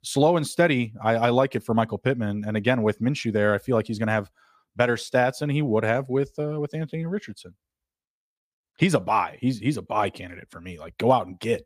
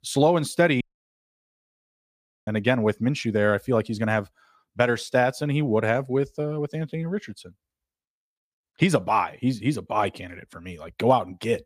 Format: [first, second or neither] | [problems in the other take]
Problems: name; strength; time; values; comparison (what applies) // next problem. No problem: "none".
first | audio cutting out; at 1 s for 1.5 s